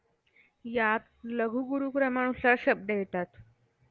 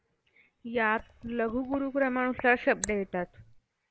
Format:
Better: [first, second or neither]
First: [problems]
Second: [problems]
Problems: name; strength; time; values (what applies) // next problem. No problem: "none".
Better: first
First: none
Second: noise reduction (neural mask model Resemble Enhance denoiser)